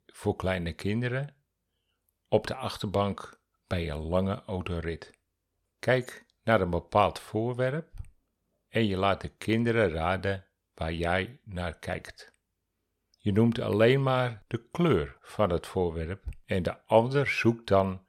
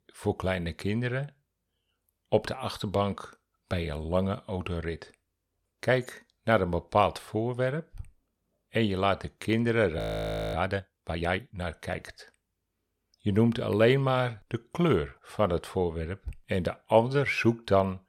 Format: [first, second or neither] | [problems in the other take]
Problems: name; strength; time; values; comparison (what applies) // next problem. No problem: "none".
first | audio freezing; at 10 s for 0.5 s